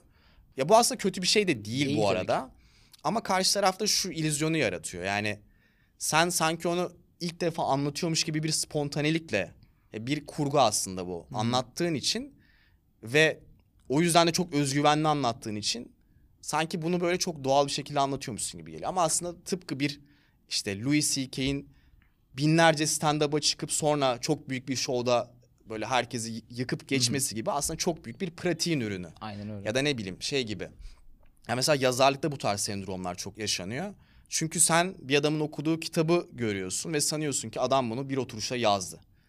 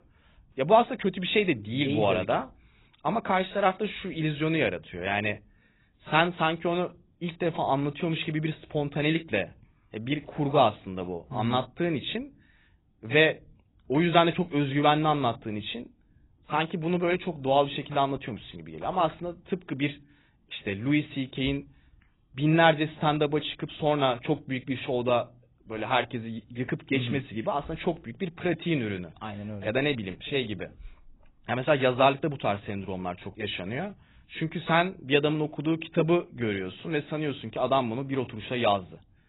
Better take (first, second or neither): first